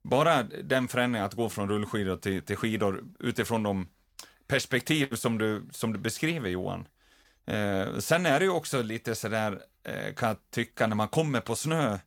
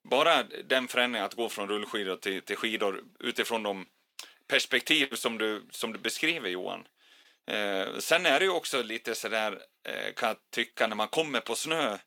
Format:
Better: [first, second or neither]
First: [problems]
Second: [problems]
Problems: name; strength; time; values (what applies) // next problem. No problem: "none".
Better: first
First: none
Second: thin; somewhat; fading below 300 Hz